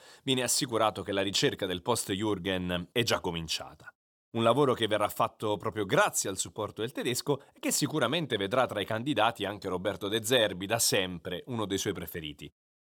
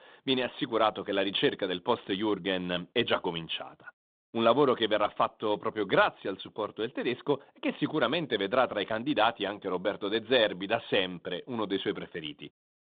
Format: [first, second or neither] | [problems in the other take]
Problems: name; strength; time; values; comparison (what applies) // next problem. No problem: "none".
first | phone-call audio; nothing above 3.5 kHz